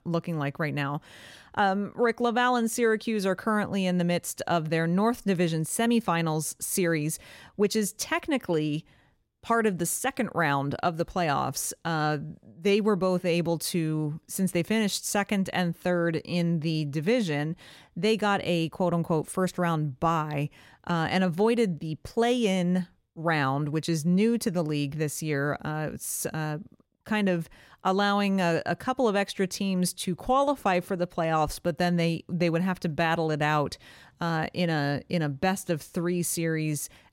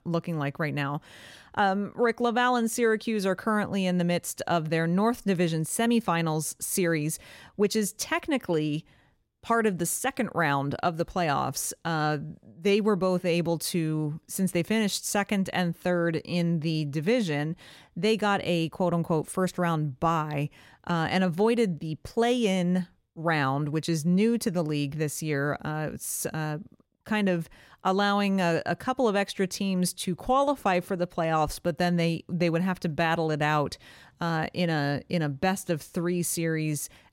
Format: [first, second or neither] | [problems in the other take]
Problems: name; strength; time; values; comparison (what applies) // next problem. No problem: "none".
neither | none